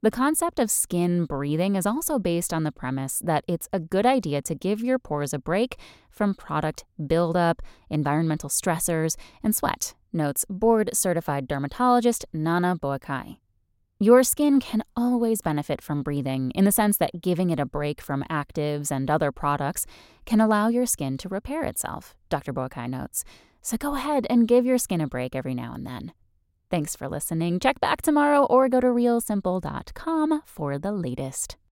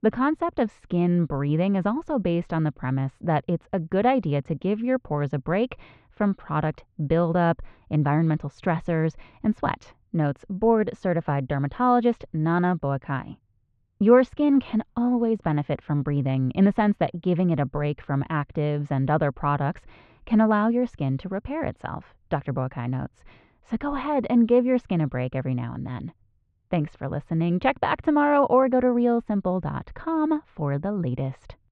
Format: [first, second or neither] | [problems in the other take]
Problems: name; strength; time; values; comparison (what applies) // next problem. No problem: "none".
first | muffled; very; fading above 3 kHz